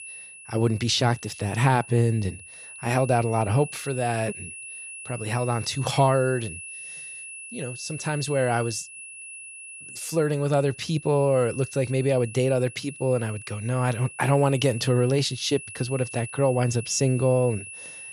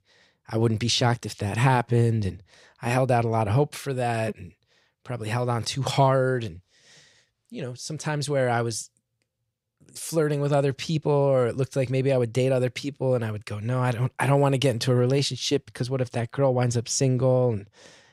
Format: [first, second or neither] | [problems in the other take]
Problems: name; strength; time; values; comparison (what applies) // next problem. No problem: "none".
second | high-pitched whine; noticeable; throughout; 2.5 kHz, 15 dB below the speech